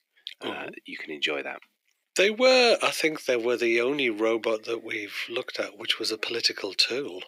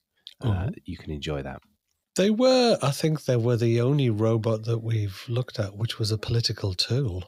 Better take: second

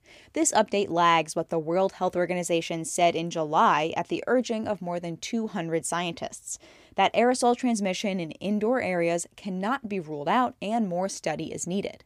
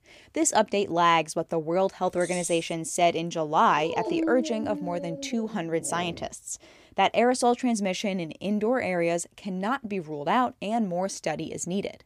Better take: first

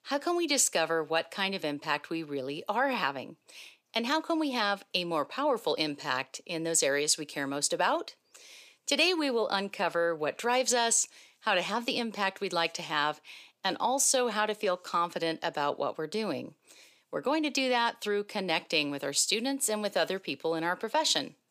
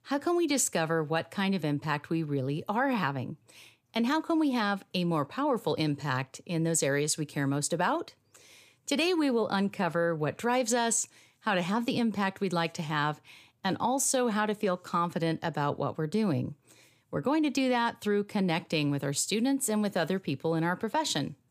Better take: second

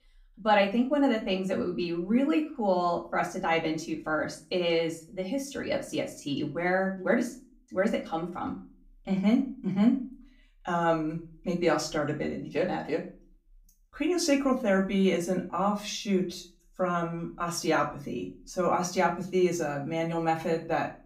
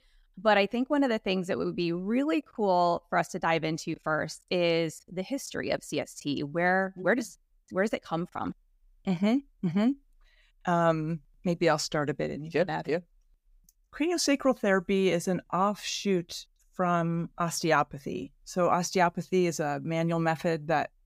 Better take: second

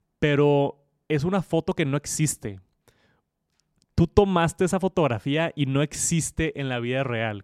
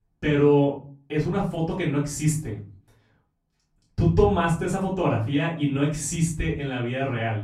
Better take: first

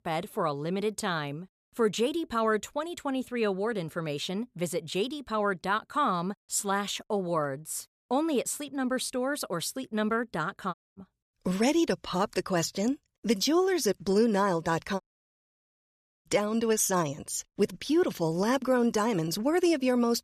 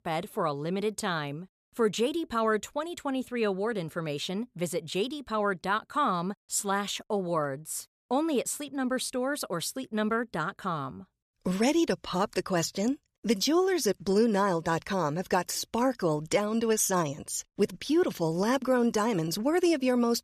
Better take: second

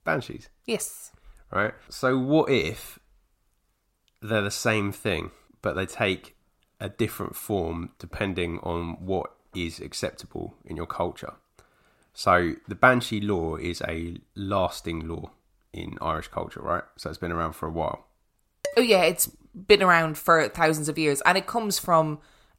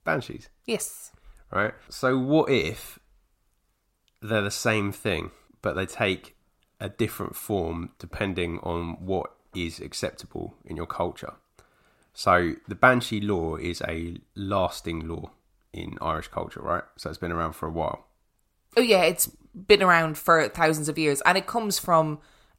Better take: second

